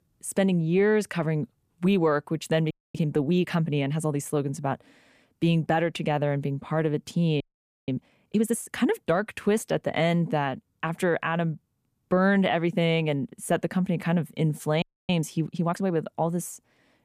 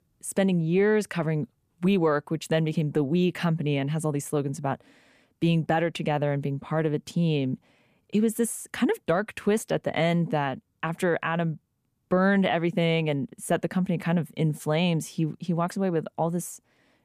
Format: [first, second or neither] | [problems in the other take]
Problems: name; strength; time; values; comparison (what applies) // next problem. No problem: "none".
second | audio freezing; at 2.5 s, at 7.5 s and at 15 s